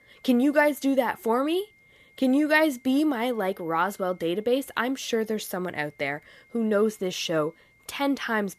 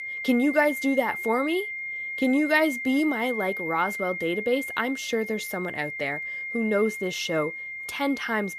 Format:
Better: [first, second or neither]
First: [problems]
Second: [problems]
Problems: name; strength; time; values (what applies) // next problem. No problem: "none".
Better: first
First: high-pitched whine; faint; throughout; 2 kHz, 30 dB below the speech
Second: high-pitched whine; loud; throughout; 2 kHz, 5 dB below the speech